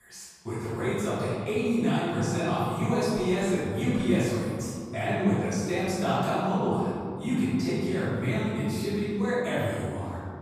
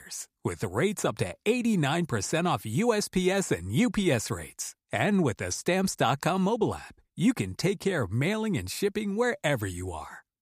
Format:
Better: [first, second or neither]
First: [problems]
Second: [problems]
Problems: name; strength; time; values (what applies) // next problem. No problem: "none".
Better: second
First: off-mic speech; far // room echo; strong; dies away in 2.1 s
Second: none